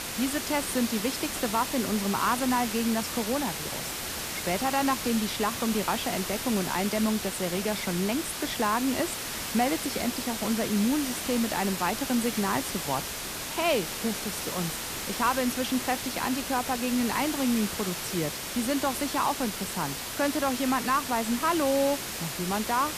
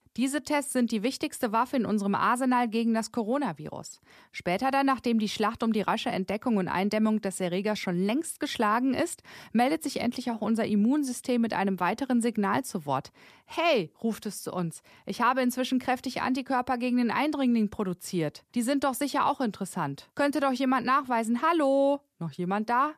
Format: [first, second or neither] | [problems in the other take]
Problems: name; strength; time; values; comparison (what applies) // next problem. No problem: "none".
second | hiss; loud; throughout; 3 dB below the speech